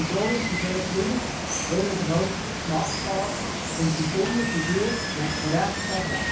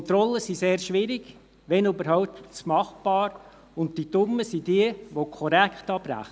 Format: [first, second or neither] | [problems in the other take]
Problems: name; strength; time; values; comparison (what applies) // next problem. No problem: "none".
second | background sound (Water); 2 dB below the speech // room echo; dies away in 0.5 s